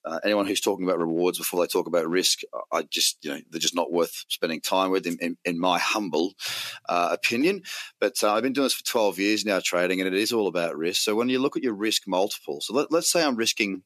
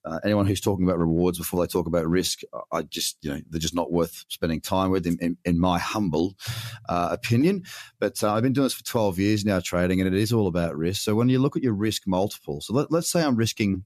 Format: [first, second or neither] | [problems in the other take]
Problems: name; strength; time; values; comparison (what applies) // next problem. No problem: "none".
second | thin; somewhat; fading below 300 Hz